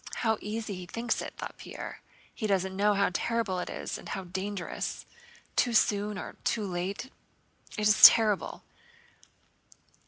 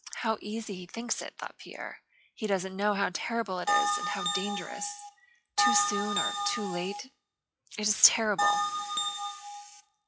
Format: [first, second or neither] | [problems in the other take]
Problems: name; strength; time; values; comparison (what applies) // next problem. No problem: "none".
first | noise reduction (classical method log-MMSE)